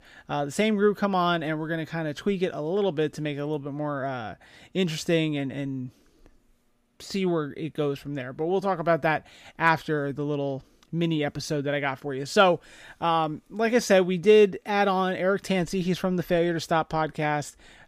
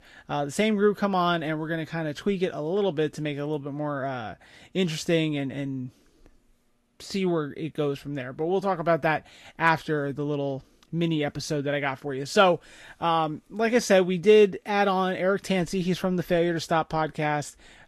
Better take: first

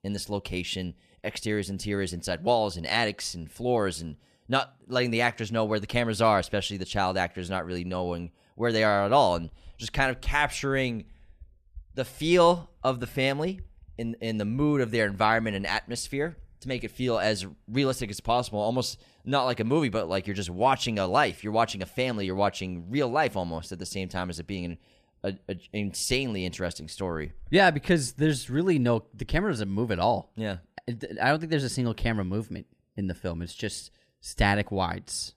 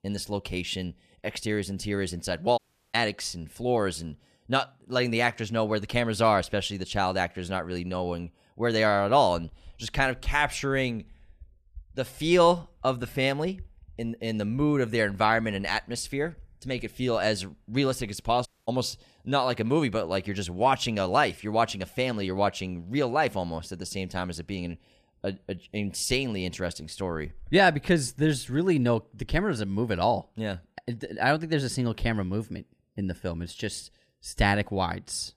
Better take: first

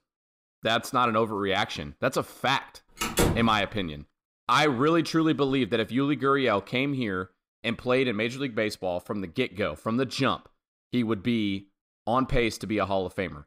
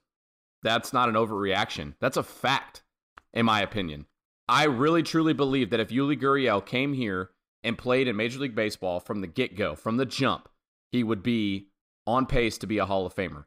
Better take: second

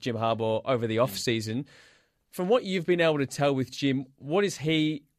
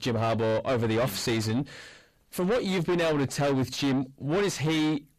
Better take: first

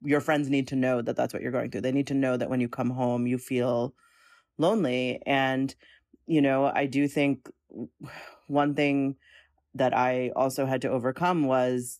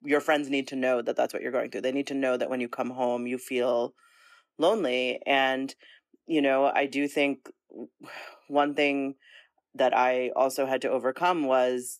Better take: first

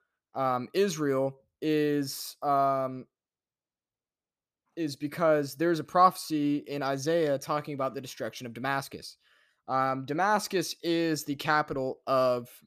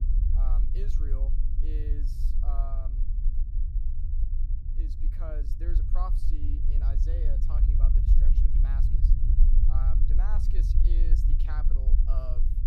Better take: first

